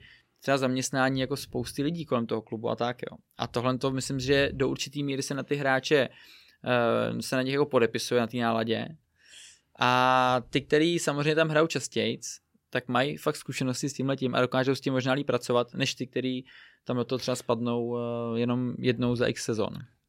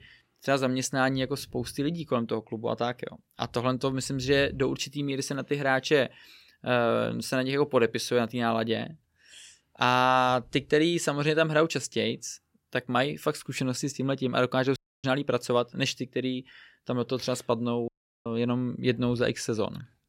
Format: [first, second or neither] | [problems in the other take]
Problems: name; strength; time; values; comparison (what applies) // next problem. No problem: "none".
first | audio cutting out; at 15 s and at 18 s